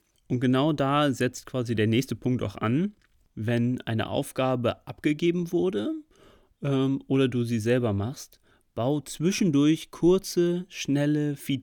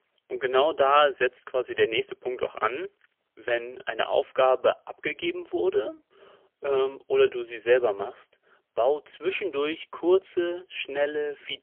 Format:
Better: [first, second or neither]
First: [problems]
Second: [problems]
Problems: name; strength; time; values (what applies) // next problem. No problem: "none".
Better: first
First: none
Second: phone-call audio; poor line; nothing above 3.5 kHz